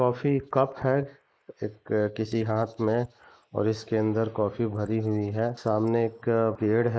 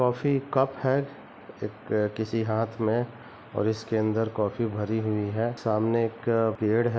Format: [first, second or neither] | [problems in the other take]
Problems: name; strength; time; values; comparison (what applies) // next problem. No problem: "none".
second | noise reduction (neural mask model Resemble Enhance denoiser)